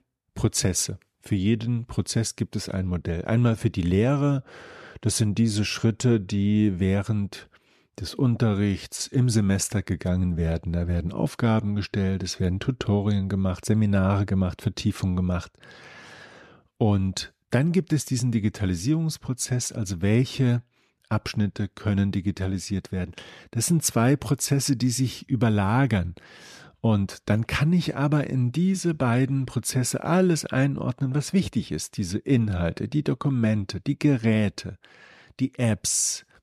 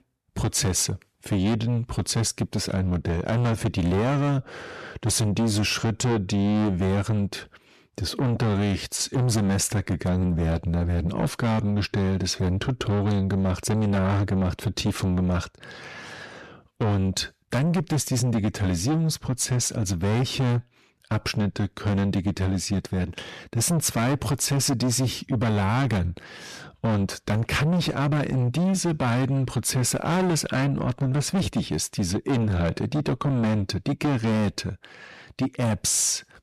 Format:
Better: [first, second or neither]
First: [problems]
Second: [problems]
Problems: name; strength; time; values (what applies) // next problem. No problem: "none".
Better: first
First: none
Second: distortion; heavy; 7 dB below the speech